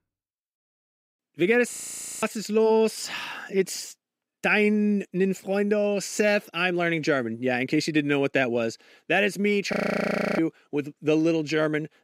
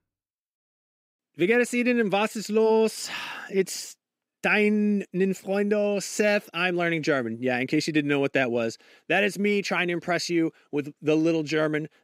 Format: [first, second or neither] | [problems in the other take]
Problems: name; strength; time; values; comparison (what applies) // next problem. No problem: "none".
second | audio freezing; at 1.5 s and at 9.5 s for 0.5 s